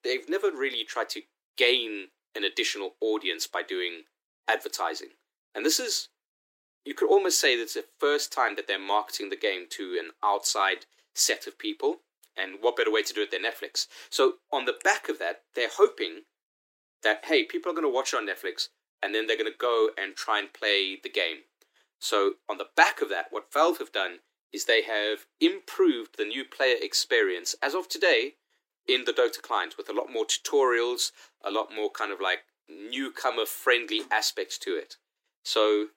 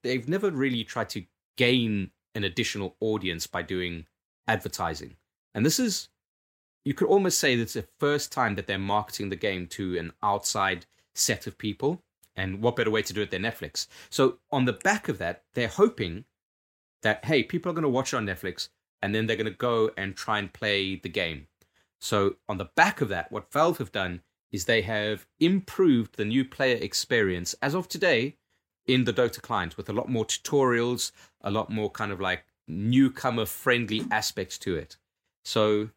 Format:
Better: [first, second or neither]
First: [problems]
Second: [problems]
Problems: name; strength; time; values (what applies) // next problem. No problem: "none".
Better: second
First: thin; very; fading below 300 Hz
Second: none